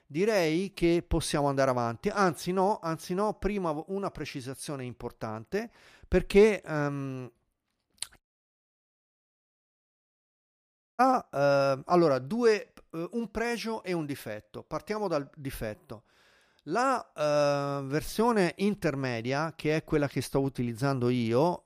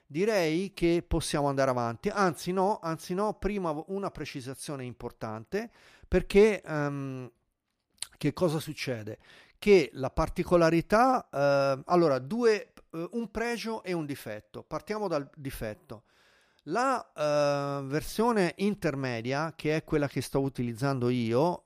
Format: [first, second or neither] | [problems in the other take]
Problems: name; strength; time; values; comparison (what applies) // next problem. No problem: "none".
second | audio cutting out; at 8 s for 3 s